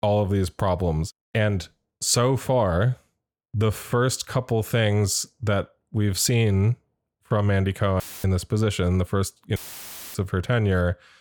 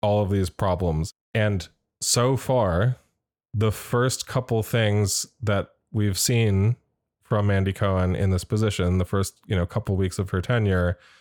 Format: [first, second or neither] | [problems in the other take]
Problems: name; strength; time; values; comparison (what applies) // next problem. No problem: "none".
second | audio cutting out; filled with static; at 8 s and at 9.5 s for 0.5 s